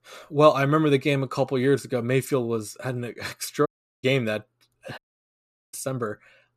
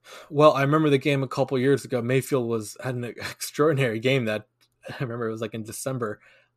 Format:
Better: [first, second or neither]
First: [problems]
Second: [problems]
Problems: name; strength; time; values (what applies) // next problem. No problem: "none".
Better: second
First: audio cutting out; at 3.5 s and at 5 s for 1 s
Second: none